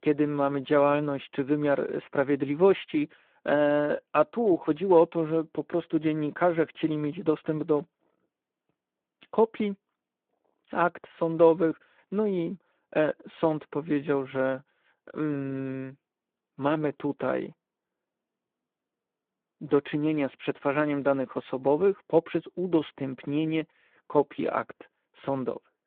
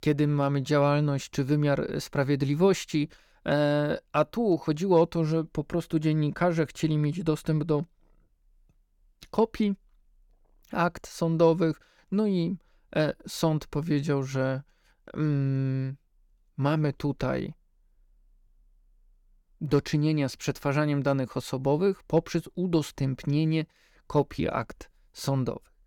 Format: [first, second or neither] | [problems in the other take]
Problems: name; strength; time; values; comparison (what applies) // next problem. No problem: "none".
second | phone-call audio